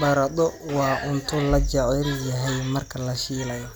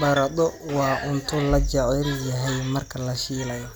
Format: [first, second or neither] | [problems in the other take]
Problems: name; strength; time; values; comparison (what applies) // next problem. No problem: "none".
first | background sound (Bowed string instrument); 17 dB below the speech